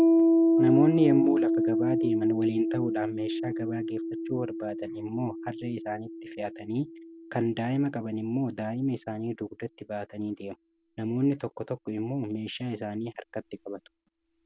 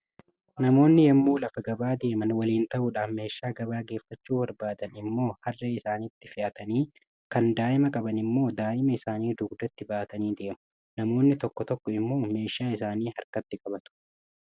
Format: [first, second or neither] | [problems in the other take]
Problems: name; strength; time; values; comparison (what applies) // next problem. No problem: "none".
second | background sound (Piano); 1 dB above the speech